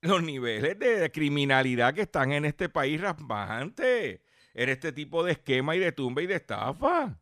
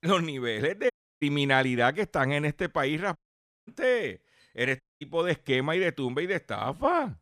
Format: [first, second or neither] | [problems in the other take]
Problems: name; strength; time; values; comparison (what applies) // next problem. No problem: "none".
first | audio cutting out; at 1 s, at 3 s for 0.5 s and at 5 s